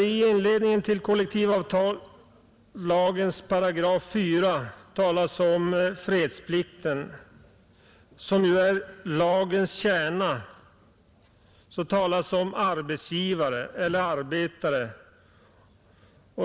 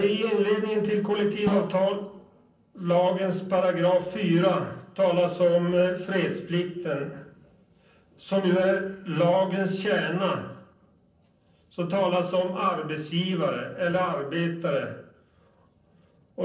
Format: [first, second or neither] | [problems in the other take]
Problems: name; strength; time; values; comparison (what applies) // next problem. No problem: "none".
first | noise reduction (neural separator model SepFormer DNS4)